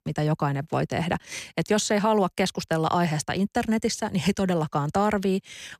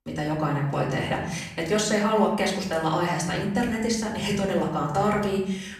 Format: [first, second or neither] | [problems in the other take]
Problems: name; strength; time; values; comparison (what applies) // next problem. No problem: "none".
first | room echo; noticeable; dies away in 0.7 s // off-mic speech; far